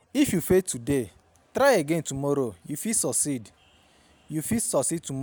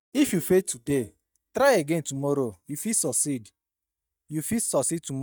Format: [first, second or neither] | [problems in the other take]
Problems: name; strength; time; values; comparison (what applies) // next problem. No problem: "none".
first | noise reduction (neural mask model DeepFilterNet 3)